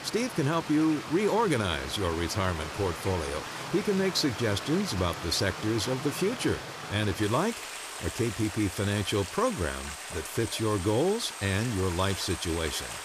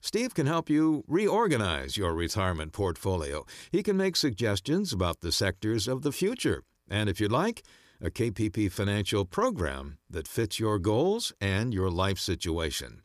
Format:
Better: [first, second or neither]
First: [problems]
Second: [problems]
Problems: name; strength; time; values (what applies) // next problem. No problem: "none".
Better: second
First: rain or running water; loud; throughout; 8 dB below the speech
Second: none